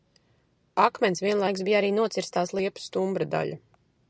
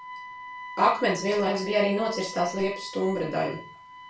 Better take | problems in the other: first | background sound (Wind instrument, woodwind instrument); 13 dB below the speech // room echo; dies away in 0.3 s

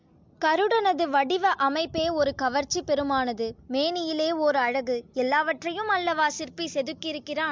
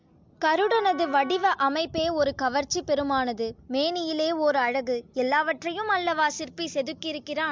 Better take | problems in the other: first | background sound (Wind instrument, woodwind instrument); 17 dB below the speech

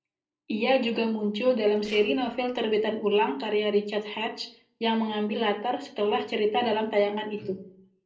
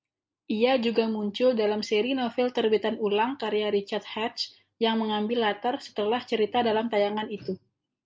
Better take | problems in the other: second | noise reduction (neural separator model SepFormer DNS4)

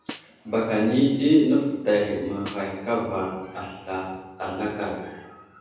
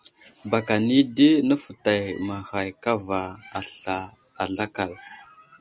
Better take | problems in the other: second | background sound (Snare drum); 20 dB below the speech // room echo; dies away in 1.1 s

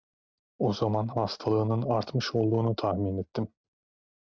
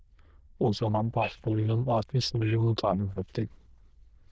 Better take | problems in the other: first | noise reduction (neural diffusion model UNIVERSE++)

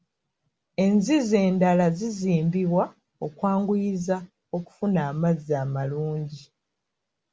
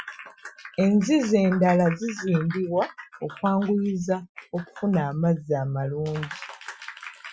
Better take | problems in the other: first | noise reduction (classical method Wiener filter)

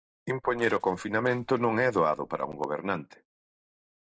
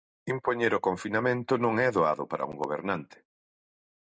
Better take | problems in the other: second | noise reduction (neural separator model SepFormer DNS4)

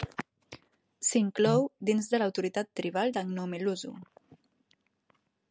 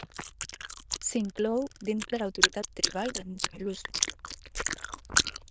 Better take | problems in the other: first | noise reduction (neural diffusion model UNIVERSE++)

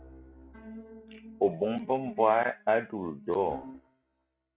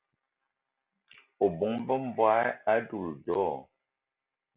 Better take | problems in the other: second | noise reduction (neural mask model RNNoise)

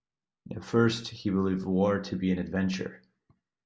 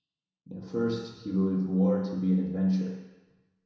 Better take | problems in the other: first | room echo; dies away in 1 s

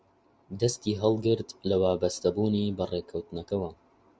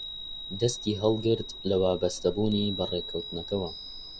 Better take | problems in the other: first | background sound (Chime); 10 dB below the speech

